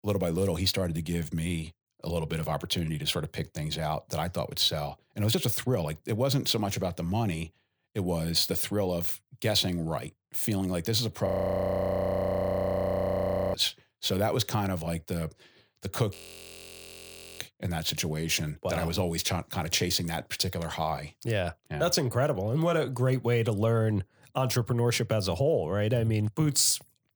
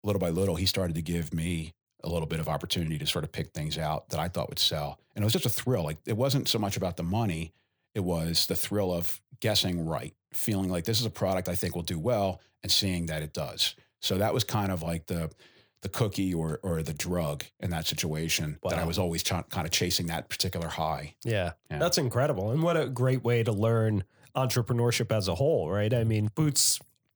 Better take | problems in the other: second | audio freezing; at 11 s for 2.5 s and at 16 s for 1.5 s

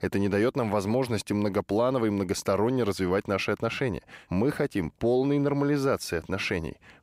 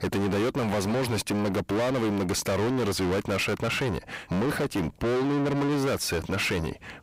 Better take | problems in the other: first | distortion; heavy; 6 dB below the speech

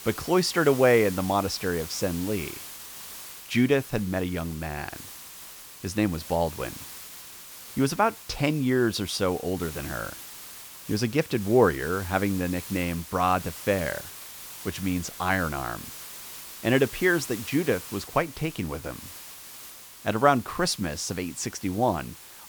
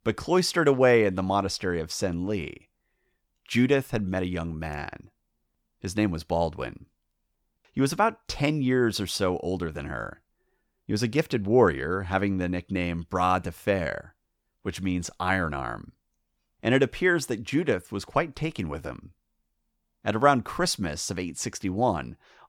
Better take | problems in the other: second | hiss; noticeable; throughout; 15 dB below the speech

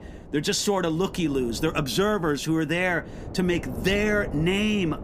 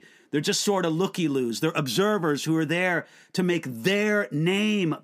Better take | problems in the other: second | wind noise on the microphone; occasional gusts; 15 dB below the speech

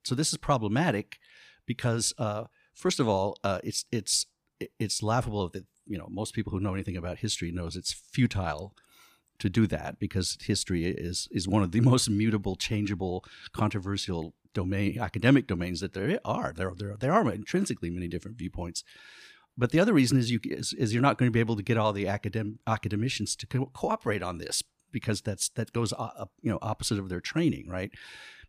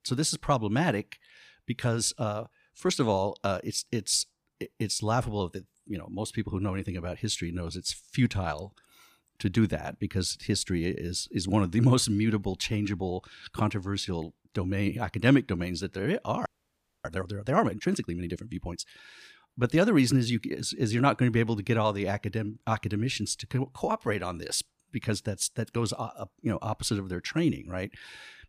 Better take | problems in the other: first | audio freezing; at 16 s for 0.5 s

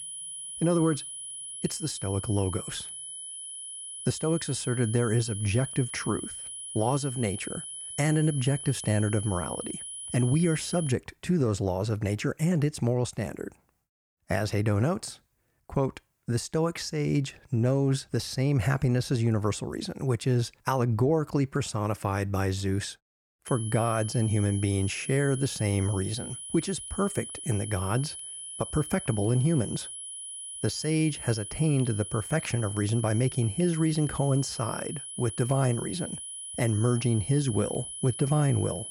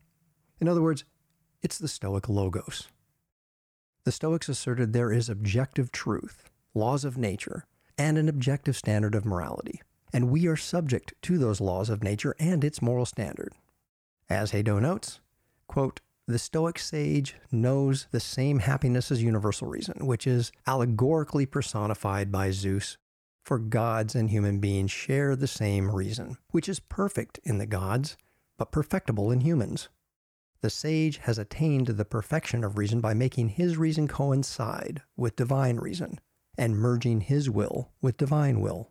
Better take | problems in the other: second | high-pitched whine; loud; until 11 s and from 23 s on; 10 kHz, 8 dB below the speech

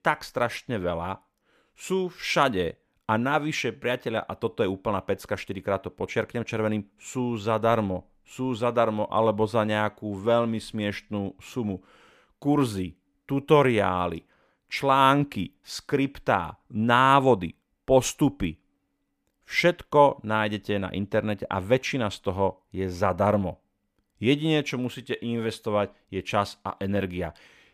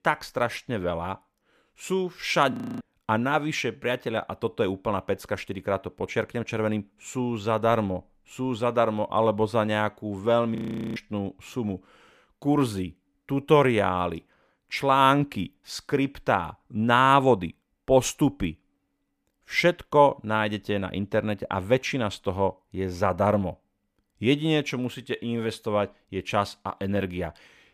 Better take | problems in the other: first | audio freezing; at 2.5 s and at 11 s

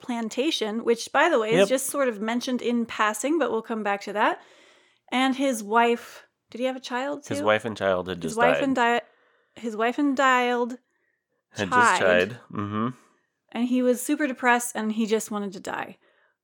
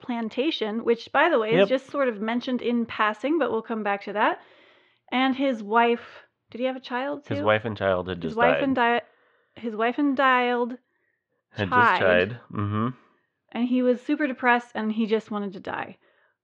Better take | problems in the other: first | muffled; slightly; fading above 4 kHz

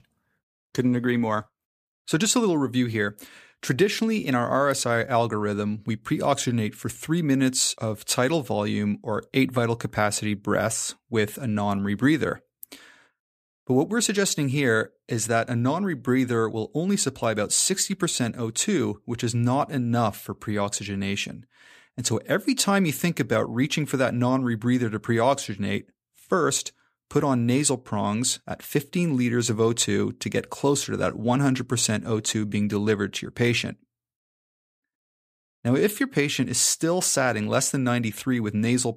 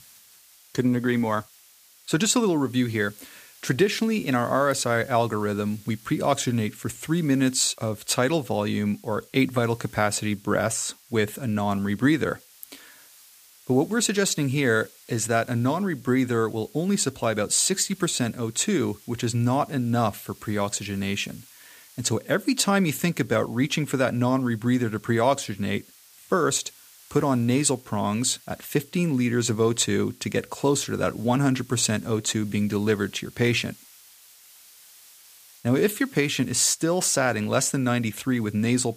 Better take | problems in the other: first | hiss; faint; throughout; 25 dB below the speech

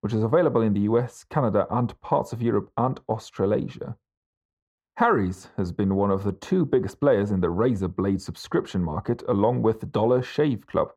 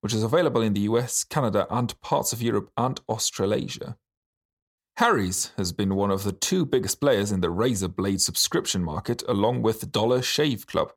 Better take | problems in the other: second | muffled; very; fading above 3 kHz

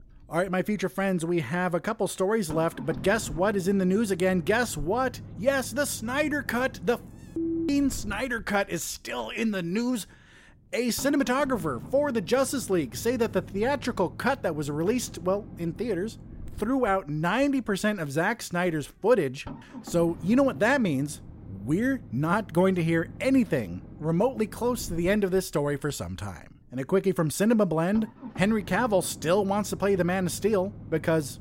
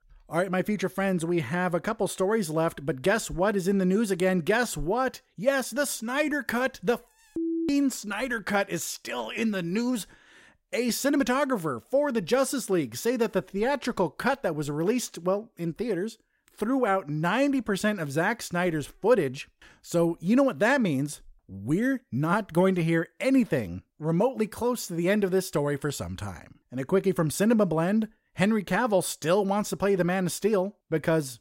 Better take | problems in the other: second | low rumble; faint; throughout; 20 dB below the speech

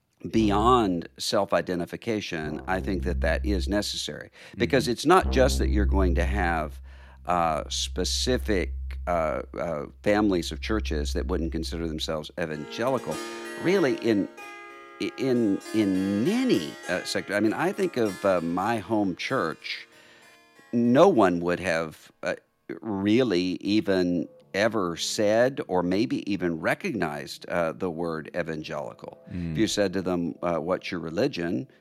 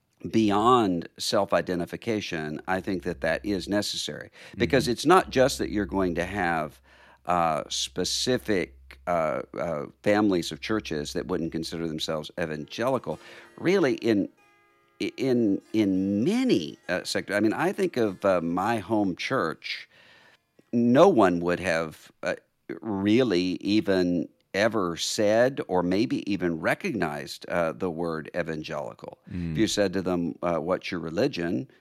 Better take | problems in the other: second | background music; loud; throughout; 9 dB below the speech; faint in the second

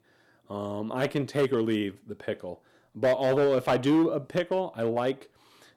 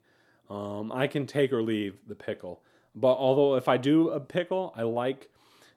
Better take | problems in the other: second | distortion; slight; 5% of the sound clipped

